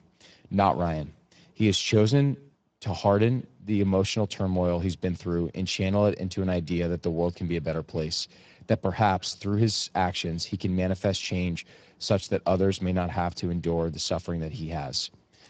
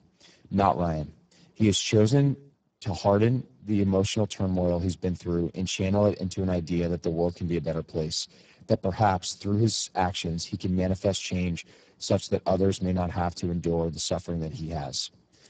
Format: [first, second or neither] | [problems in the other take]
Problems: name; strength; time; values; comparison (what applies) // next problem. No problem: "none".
first | garbled, watery; badly; nothing above 7.5 kHz; slightly in the first